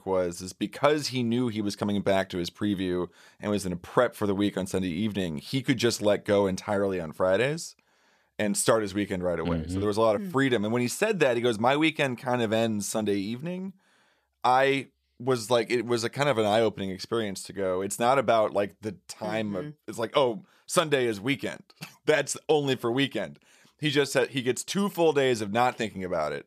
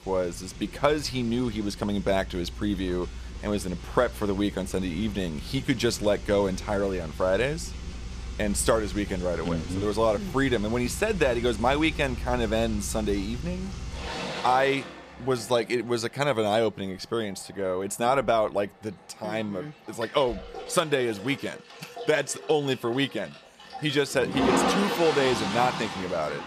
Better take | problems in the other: first | household noises; loud; throughout; 8 dB below the speech

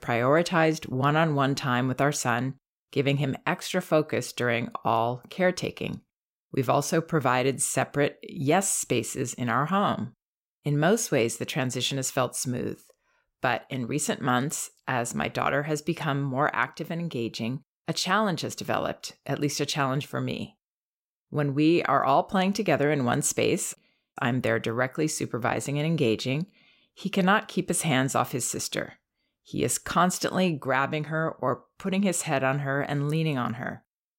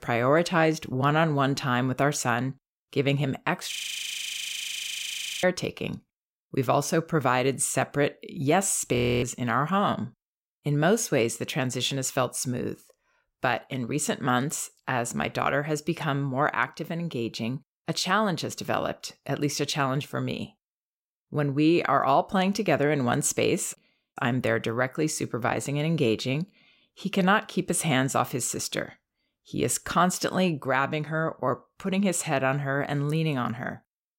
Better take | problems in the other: first | audio freezing; at 3.5 s for 1.5 s and at 9 s

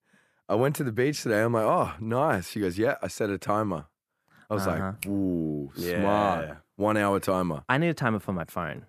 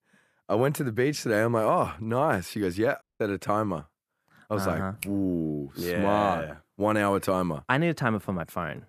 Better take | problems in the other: first | audio cutting out; at 3 s

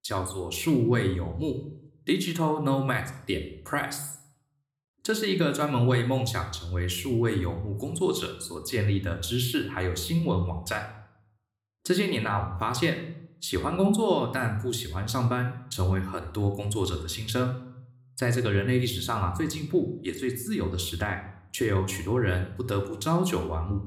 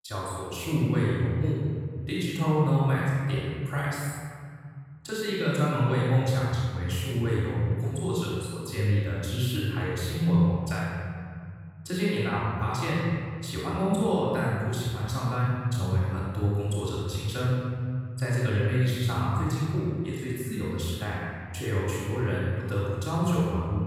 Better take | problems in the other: first | room echo; strong; dies away in 2.4 s; slight in the first // off-mic speech; far

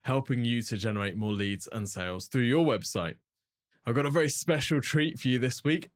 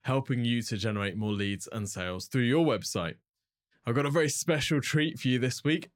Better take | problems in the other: second | garbled, watery; slightly; nothing above 16.5 kHz

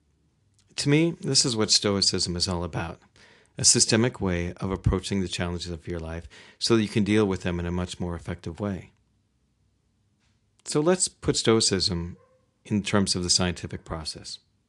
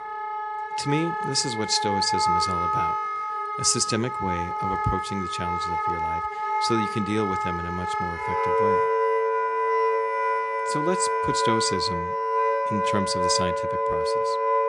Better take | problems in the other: first | background music; very loud; throughout; 3 dB above the speech

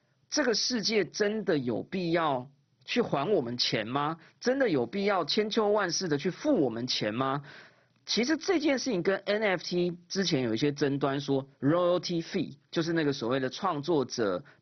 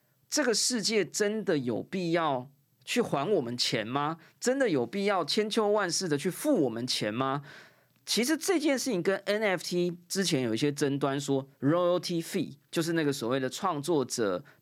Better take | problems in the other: second | garbled, watery; badly; nothing above 6 kHz

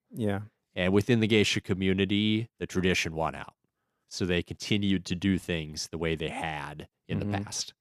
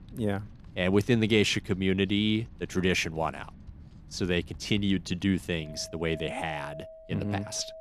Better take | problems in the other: first | household noises; noticeable; throughout; 20 dB below the speech

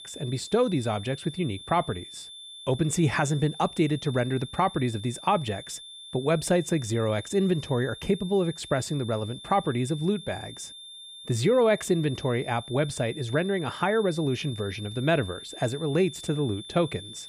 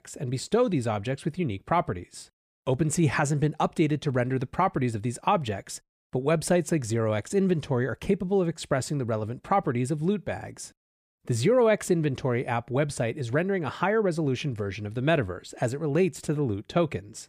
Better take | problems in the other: second | high-pitched whine; noticeable; throughout; 3.5 kHz, 15 dB below the speech

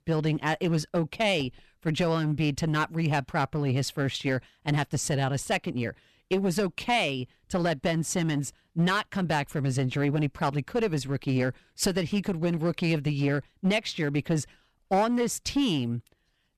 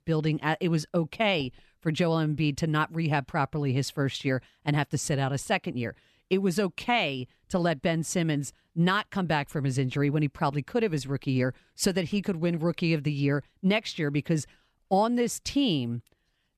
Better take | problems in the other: second | distortion; slight; 8% of the sound clipped

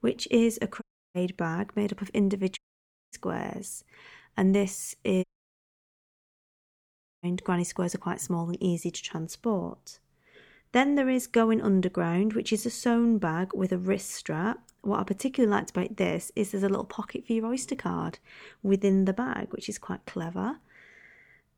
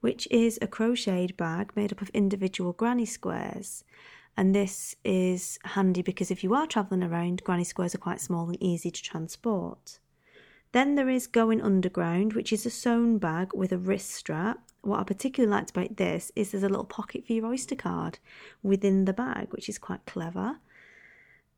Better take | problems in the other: second | audio cutting out; at 1 s, at 2.5 s for 0.5 s and at 5 s for 2 s

